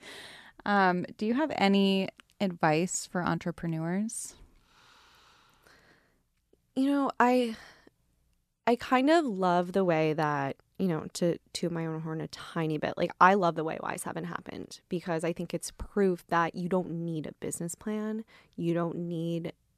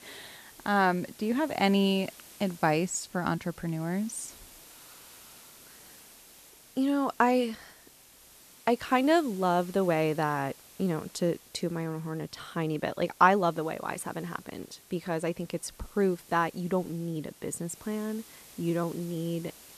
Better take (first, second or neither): first